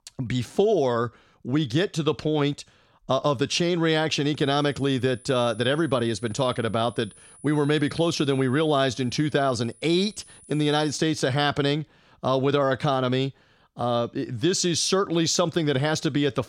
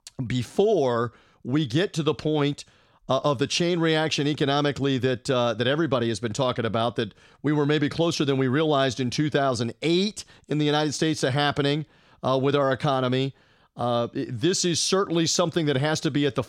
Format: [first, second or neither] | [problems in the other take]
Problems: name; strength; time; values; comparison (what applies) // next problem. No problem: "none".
second | high-pitched whine; faint; from 4.5 to 11 s; 10 kHz, 25 dB below the speech